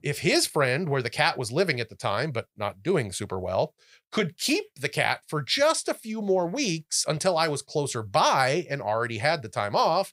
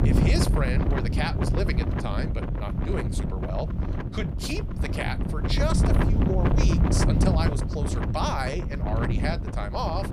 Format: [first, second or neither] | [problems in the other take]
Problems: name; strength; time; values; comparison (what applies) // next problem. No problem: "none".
first | wind noise on the microphone; heavy; 2 dB below the speech